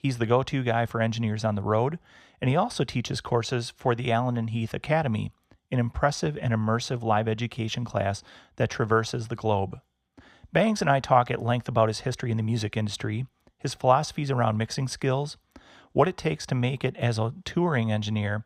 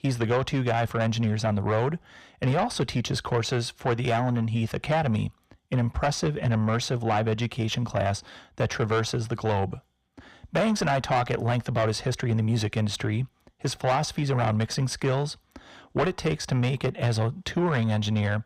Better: first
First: none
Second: distortion; heavy; 7 dB below the speech

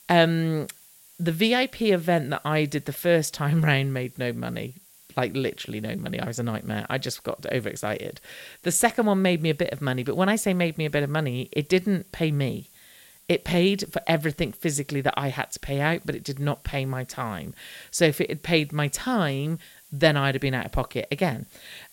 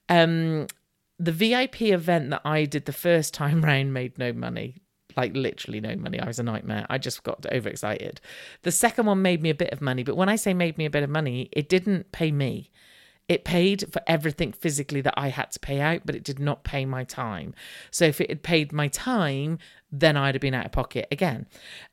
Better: second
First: hiss; faint; throughout; 25 dB below the speech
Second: none

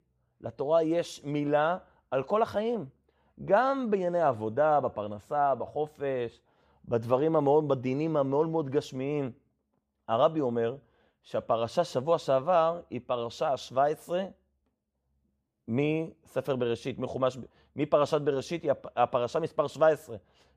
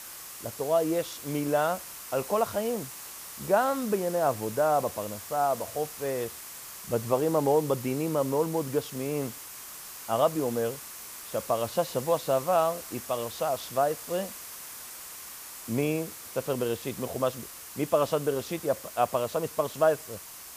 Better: first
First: none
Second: hiss; noticeable; throughout; 10 dB below the speech

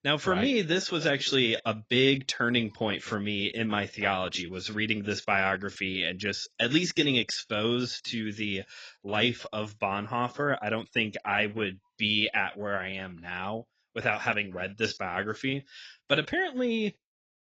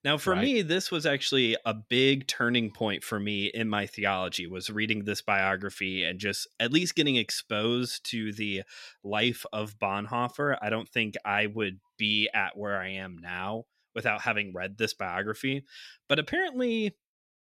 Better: second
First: garbled, watery; badly; nothing above 7.5 kHz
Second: none

